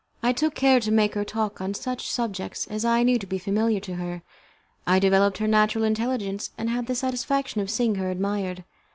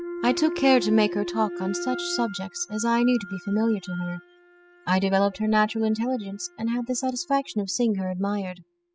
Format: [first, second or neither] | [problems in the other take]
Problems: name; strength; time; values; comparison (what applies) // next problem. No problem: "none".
first | noise reduction (classical method spectral subtraction)